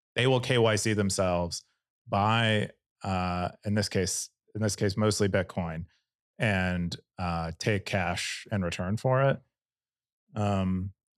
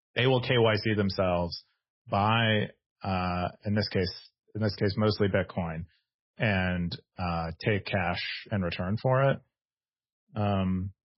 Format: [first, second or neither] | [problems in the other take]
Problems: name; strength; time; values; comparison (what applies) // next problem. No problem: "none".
first | garbled, watery; badly; nothing above 5.5 kHz